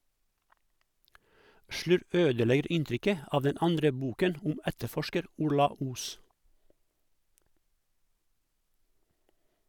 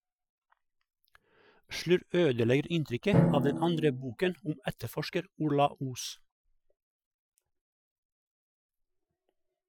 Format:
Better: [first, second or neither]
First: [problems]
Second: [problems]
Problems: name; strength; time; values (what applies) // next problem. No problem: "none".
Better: first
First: none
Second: noise reduction (classical method Wiener filter)